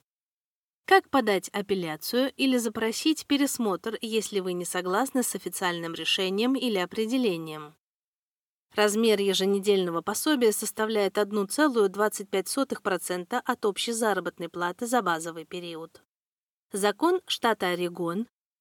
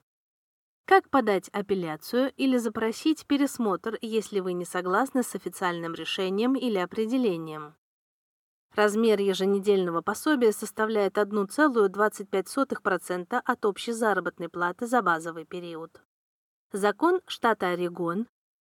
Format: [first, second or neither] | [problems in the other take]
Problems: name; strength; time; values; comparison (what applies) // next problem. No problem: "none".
first | muffled; slightly; fading above 2 kHz